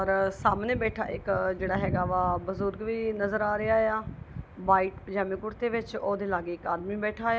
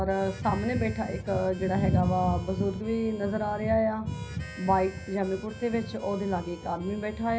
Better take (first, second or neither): first